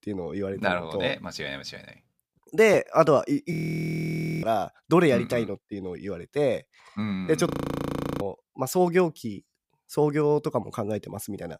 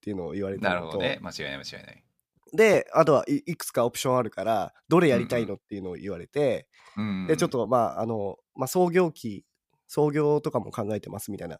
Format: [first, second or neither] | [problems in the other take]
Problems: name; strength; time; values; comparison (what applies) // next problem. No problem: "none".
second | audio freezing; at 3.5 s for 1 s and at 7.5 s for 0.5 s